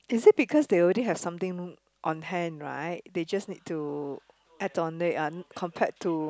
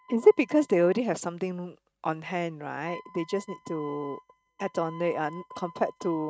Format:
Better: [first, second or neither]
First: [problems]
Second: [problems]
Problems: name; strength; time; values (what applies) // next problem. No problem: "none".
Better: first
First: none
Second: noise reduction (neural mask model RNNoise)